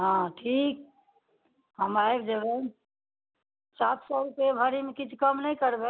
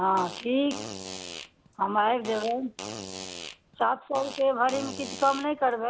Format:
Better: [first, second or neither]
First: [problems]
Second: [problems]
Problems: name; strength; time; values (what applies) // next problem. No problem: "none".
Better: first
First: none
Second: background sound (Fart); 12 dB below the speech